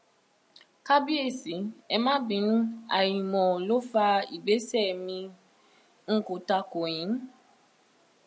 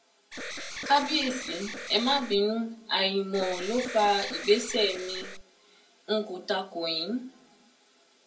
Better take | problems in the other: first | background sound (Alarm); 9 dB below the speech // room echo; dies away in 0.2 s

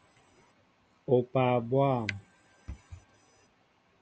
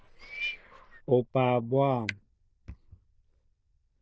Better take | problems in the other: first | noise reduction (neural diffusion model UNIVERSE++)

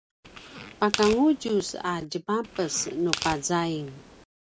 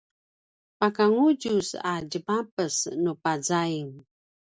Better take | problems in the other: second | background sound (Tearing); 10 dB below the speech

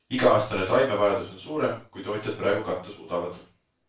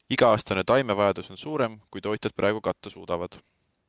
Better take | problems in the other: second | room echo; dies away in 0.3 s

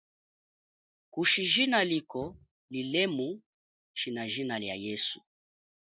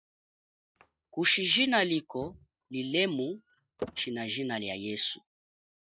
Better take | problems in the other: first | noise reduction (neural mask model RNNoise)

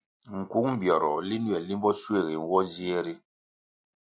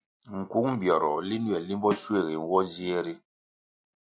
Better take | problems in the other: first | background sound (Snare drum); 13 dB below the speech

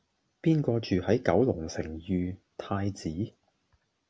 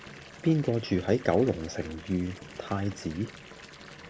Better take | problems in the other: first | background sound (Fill (with liquid) / Bathtub (filling or washing) / Water tap, faucet); 17 dB below the speech

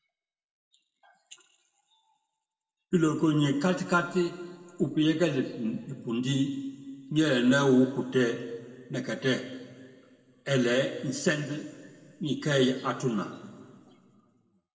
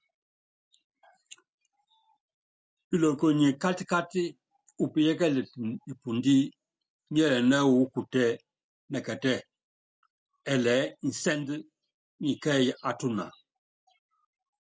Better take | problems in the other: second | room echo; dies away in 1.8 s

